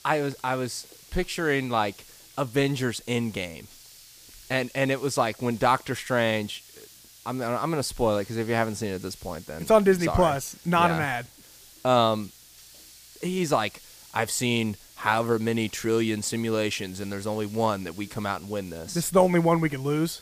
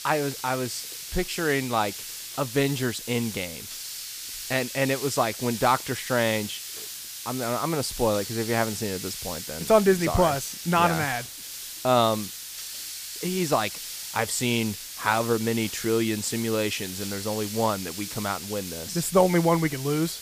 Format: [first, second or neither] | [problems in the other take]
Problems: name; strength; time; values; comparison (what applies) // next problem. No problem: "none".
first | hiss; loud; throughout; 8 dB below the speech; faint in the first